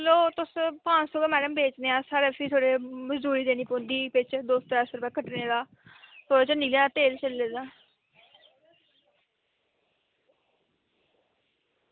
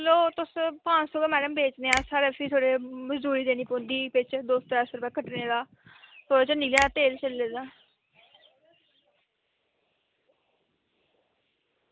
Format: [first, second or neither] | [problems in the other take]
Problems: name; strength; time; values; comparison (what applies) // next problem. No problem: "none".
first | background sound (Finger snapping); 8 dB below the speech